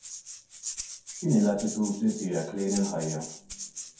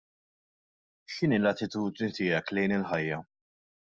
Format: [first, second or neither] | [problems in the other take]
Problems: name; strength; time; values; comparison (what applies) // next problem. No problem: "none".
second | background sound (Rattle (instrument)); 10 dB below the speech // room echo; dies away in 0.6 s